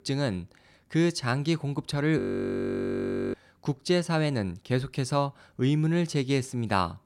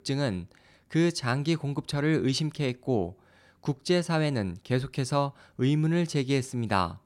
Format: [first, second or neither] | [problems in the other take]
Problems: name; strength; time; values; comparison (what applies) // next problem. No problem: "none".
second | audio freezing; at 2 s for 1 s